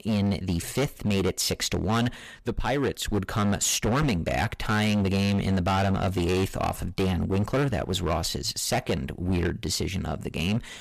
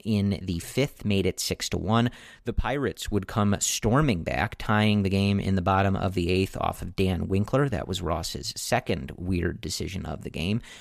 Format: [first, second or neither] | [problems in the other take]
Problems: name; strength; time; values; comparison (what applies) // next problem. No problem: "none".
second | distortion; heavy; 18% of the sound clipped